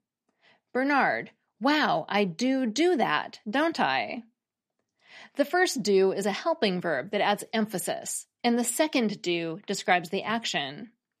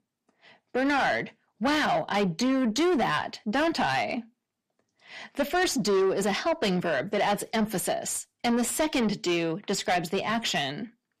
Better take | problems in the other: first | distortion; heavy; 7 dB below the speech

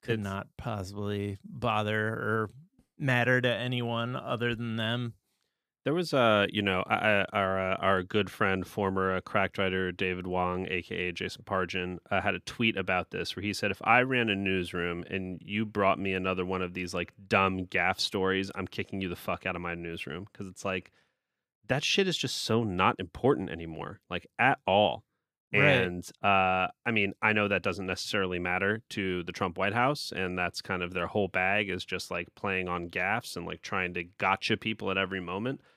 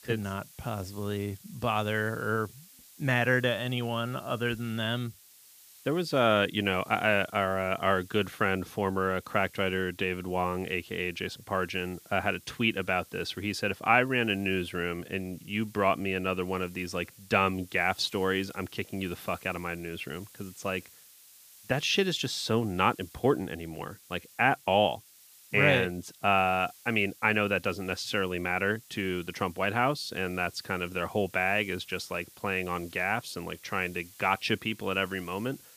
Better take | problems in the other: first | hiss; faint; throughout; 25 dB below the speech

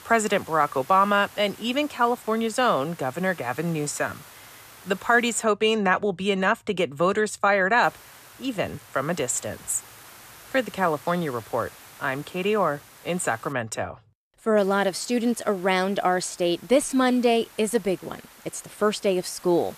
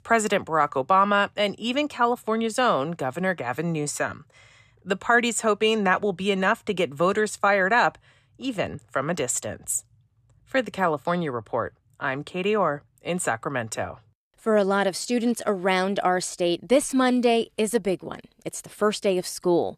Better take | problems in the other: second | hiss; faint; until 5.5 s, from 8 to 14 s and from 15 s on; 20 dB below the speech

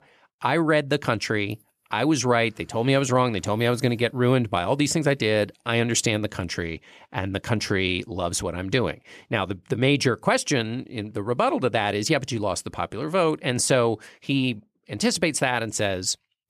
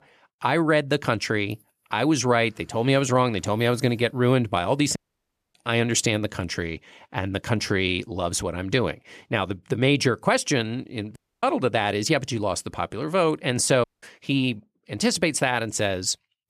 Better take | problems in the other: first | audio cutting out; at 5 s for 0.5 s, at 11 s and at 14 s

